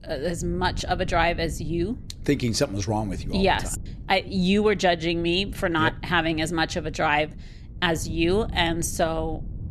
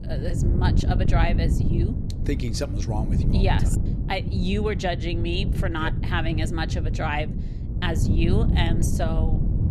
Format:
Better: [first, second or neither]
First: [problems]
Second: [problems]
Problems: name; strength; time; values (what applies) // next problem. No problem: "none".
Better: first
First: wind noise on the microphone; occasional gusts; 25 dB below the speech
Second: wind noise on the microphone; heavy; 7 dB below the speech